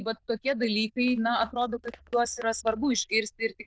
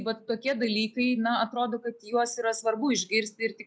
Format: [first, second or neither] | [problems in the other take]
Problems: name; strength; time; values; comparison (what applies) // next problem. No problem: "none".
second | noise reduction (neural diffusion model UNIVERSE++)